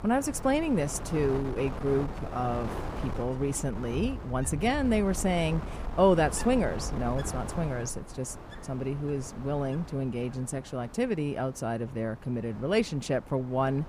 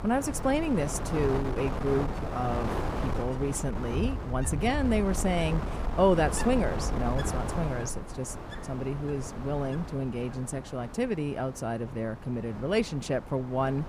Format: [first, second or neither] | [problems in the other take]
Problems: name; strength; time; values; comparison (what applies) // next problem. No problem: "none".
first | wind noise on the microphone; heavy; 6 dB below the speech; occasional gusts in the first